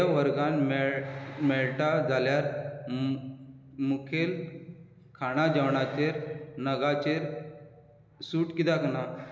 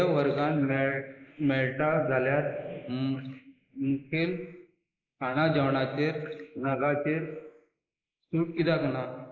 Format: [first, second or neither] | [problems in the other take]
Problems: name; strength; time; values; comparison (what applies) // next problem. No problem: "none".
first | noise reduction (neural mask model Resemble Enhance denoiser)